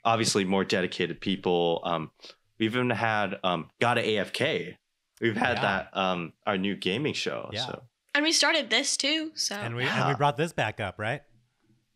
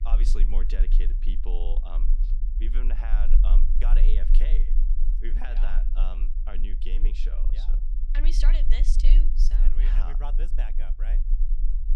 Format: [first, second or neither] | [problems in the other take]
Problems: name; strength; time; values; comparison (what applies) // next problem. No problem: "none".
first | low rumble; loud; throughout; 9 dB below the speech